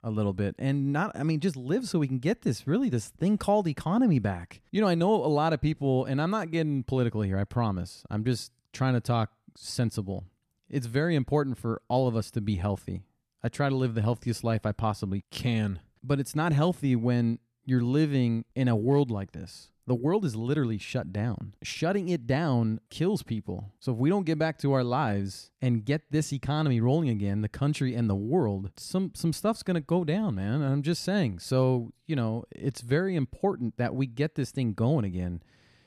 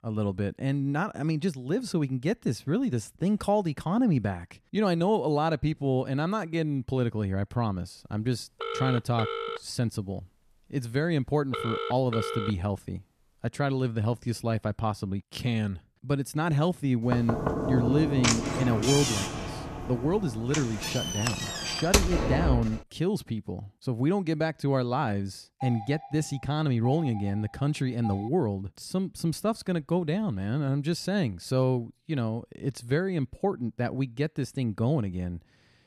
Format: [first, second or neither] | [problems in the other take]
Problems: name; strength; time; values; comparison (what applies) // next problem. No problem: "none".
first | phone ringing; noticeable; from 8.5 to 13 s; peak 3 dB below the speech // door banging; loud; from 17 to 23 s; peak 4 dB above the speech // doorbell; faint; from 26 to 28 s; peak 10 dB below the speech